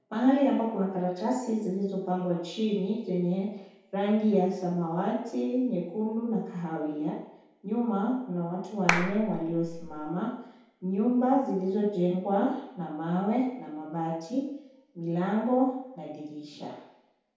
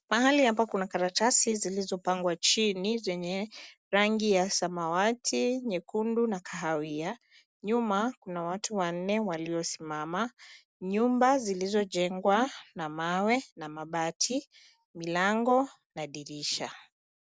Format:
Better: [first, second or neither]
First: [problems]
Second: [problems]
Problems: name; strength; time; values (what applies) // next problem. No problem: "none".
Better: second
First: background sound (Clapping); 3 dB below the speech // room echo; dies away in 0.8 s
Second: none